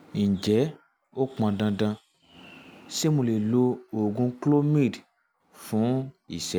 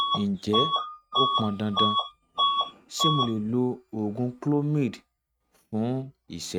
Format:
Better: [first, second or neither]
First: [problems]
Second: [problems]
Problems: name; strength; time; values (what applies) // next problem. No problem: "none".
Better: first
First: none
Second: noise reduction (neural mask model RNNoise)